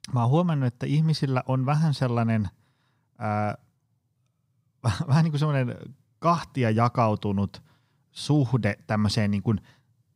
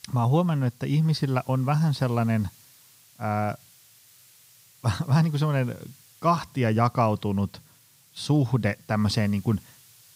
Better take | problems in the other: first | hiss; faint; throughout; 25 dB below the speech

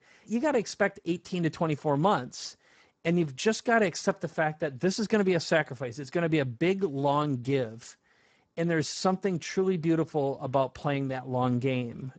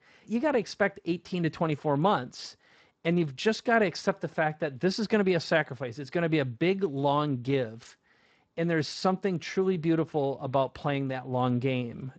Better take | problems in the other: second | garbled, watery; badly; nothing above 7.5 kHz; slightly in the second

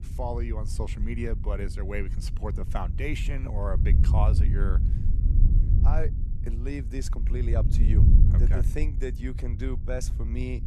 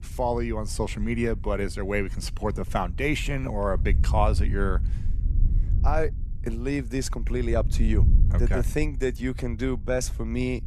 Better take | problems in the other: second | wind noise on the microphone; heavy; 6 dB below the speech; occasional gusts in the second

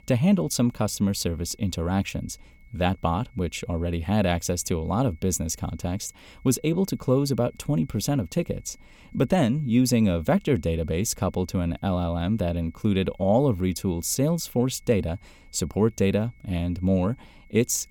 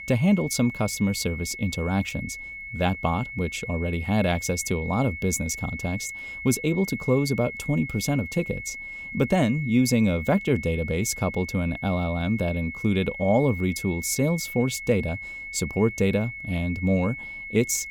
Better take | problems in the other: first | high-pitched whine; loud; throughout; 2 kHz, 9 dB below the speech; faint in the first

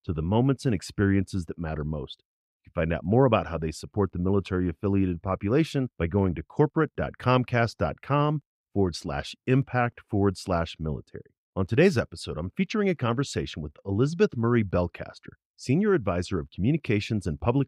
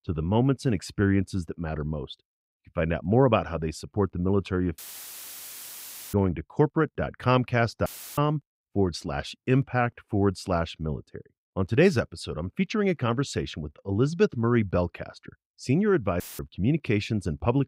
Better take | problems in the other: first | audio cutting out; filled with static; at 5 s for 1.5 s, at 8 s and at 16 s

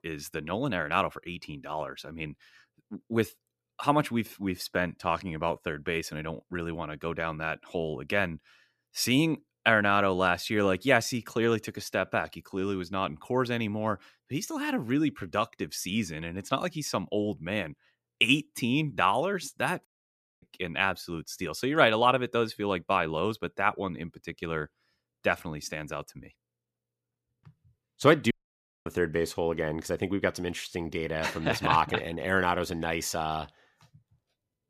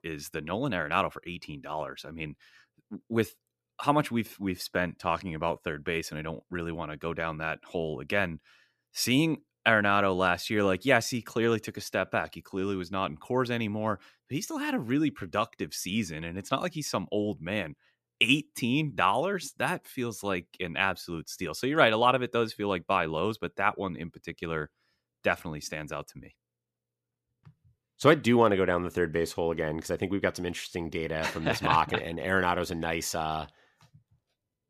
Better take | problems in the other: second | audio cutting out; at 20 s for 0.5 s and at 28 s for 0.5 s

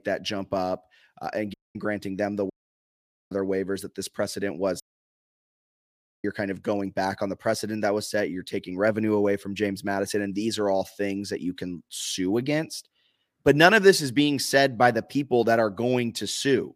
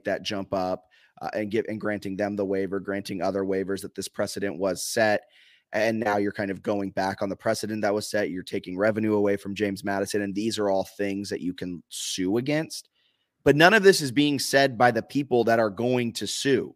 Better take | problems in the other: second | audio cutting out; at 1.5 s, at 2.5 s for 1 s and at 5 s for 1.5 s

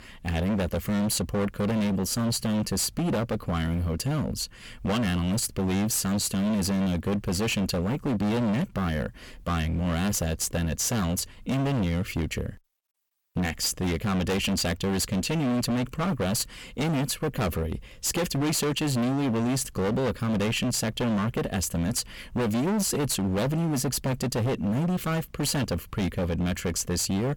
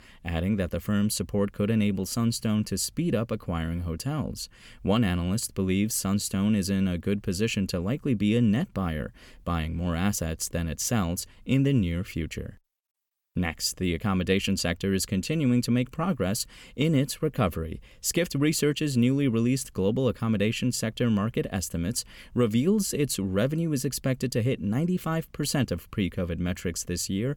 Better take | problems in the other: second | distortion; heavy; 30% of the sound clipped

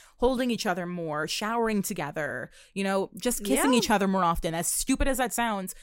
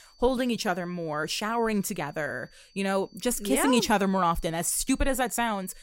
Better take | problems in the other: first | high-pitched whine; faint; throughout; 4.5 kHz, 30 dB below the speech

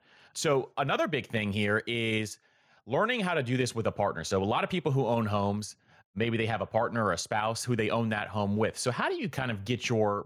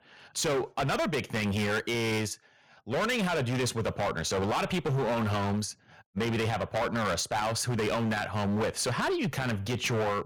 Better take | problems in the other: first | distortion; heavy; 24% of the sound clipped

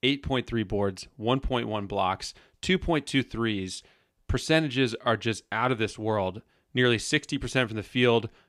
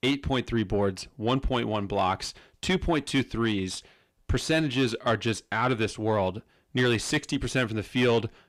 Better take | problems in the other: first | distortion; slight; 10 dB below the speech

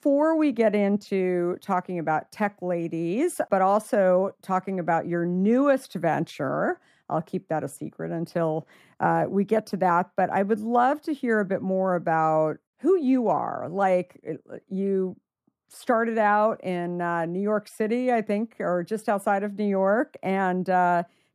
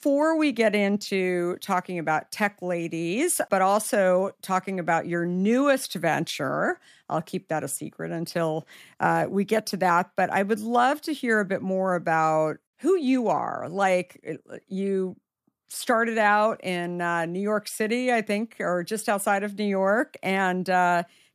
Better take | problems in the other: second | muffled; slightly; fading above 2 kHz

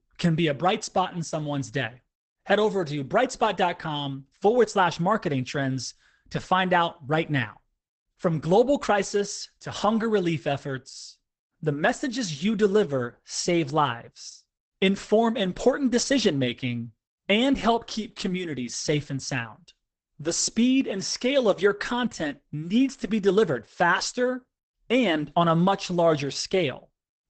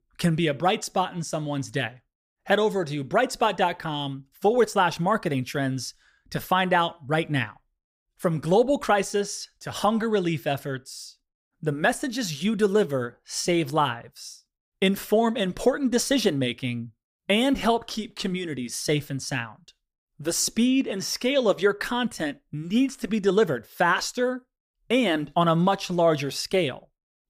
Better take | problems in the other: second | garbled, watery; badly; nothing above 8 kHz

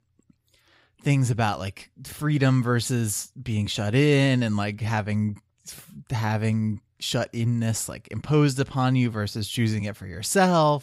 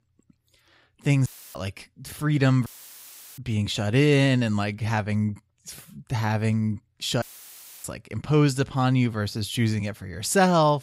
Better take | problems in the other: first | audio cutting out; filled with static; at 1.5 s, at 2.5 s for 0.5 s and at 7 s for 0.5 s

